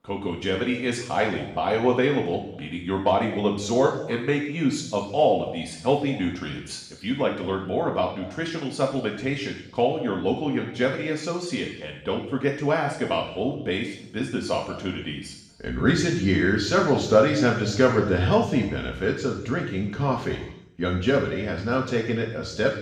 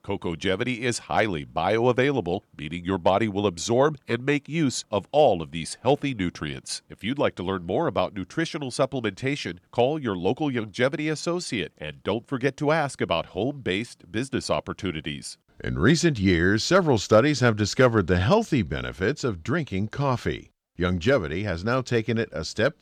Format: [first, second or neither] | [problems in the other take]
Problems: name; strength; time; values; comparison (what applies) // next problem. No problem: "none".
second | room echo; noticeable; dies away in 0.8 s // off-mic speech; far